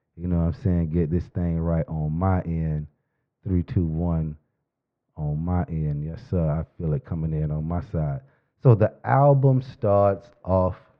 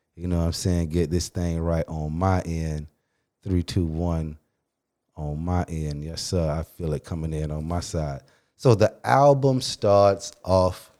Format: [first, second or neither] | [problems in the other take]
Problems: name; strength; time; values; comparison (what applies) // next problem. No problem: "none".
second | muffled; very; fading above 2 kHz